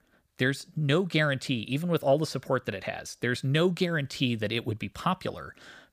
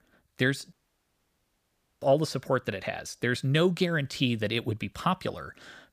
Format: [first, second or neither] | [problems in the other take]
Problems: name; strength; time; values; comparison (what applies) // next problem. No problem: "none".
first | audio cutting out; at 0.5 s for 1.5 s